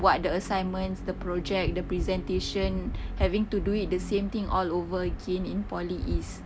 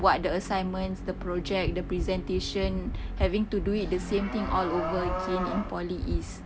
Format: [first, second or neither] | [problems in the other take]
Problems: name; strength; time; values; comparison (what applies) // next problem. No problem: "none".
first | background sound (Livestock, farm animals, working animals); 5 dB below the speech